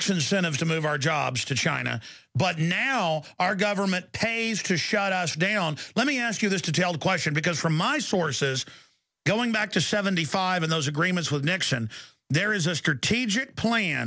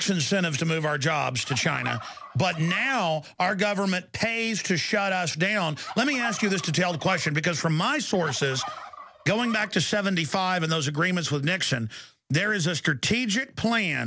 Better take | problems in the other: first | background sound (Fowl); 15 dB below the speech

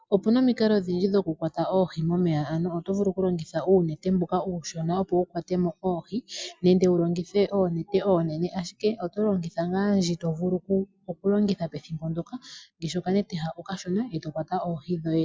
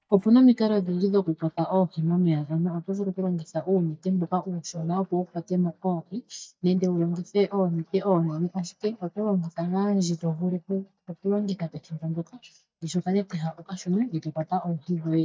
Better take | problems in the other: first | noise reduction (neural mask model DeepFilterNet 3)

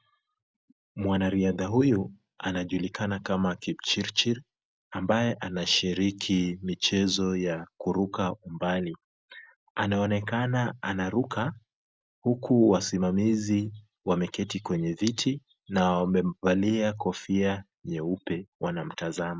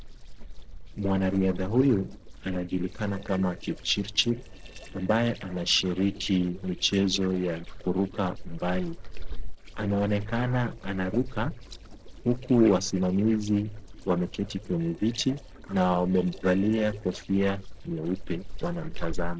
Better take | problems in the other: first | noise reduction (neural separator model SepFormer DNS4)

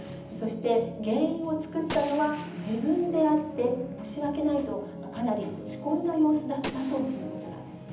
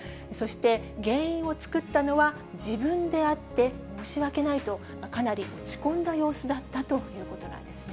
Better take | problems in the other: second | background sound (Gunshot, gunfire); 18 dB below the speech // room echo; dies away in 0.8 s

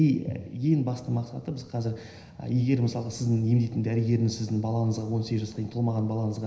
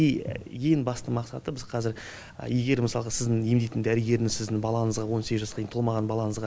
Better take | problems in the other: second | room echo; dies away in 0.9 s

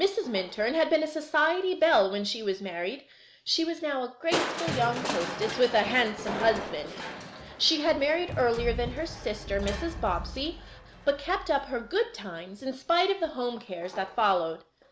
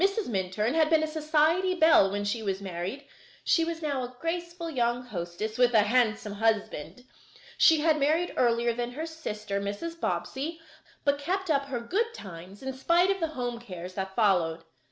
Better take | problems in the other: second | background sound (Crushing); 10 dB below the speech

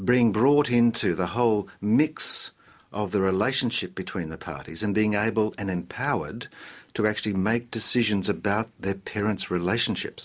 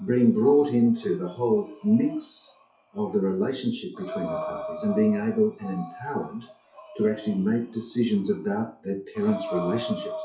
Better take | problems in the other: first | noise reduction (classical method WPE with log-MMSE)

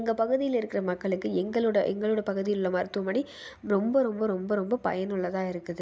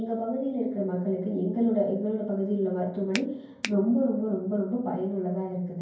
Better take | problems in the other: first | background sound (Finger snapping); 10 dB below the speech // room echo; dies away in 0.9 s

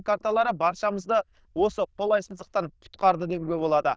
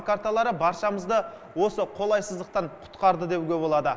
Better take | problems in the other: second | noise reduction (neural diffusion model UNIVERSE++)

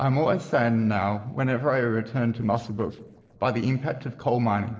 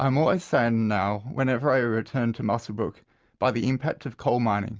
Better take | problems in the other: second | noise reduction (neural separator model SepFormer DNS4)

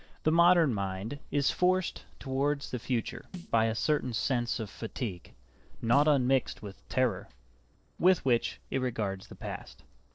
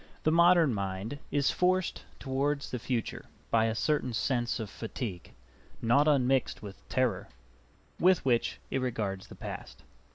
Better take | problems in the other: second | noise reduction (neural separator model SepFormer DNS4)

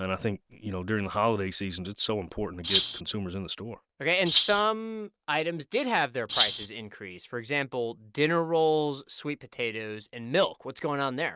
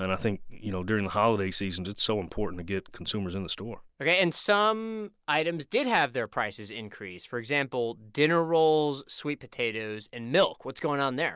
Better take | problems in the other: second | noise reduction (neural mask model RNNoise)

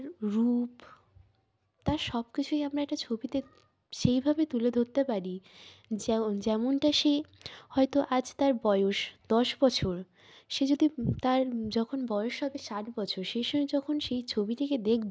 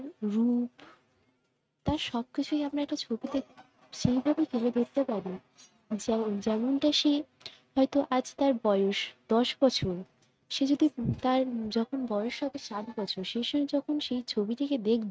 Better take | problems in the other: first | noise reduction (neural mask model RNNoise)

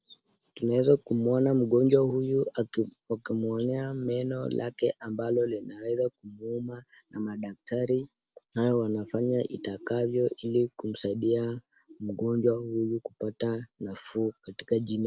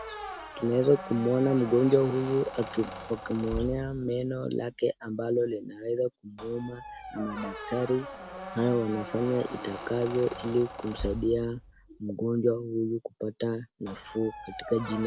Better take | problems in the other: first | background sound (Squeak); 13 dB below the speech

